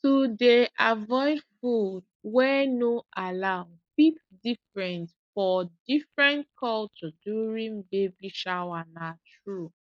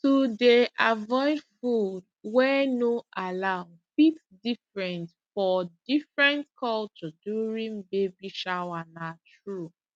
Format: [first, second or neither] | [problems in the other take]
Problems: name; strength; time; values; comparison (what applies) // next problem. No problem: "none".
second | noise reduction (neural mask model Resemble Enhance denoiser)